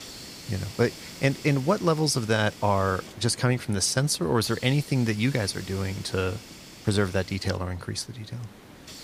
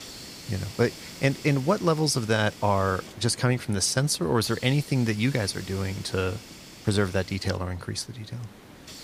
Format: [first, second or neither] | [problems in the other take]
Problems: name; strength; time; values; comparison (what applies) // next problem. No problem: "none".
neither | hiss; noticeable; throughout; 15 dB below the speech; the same in both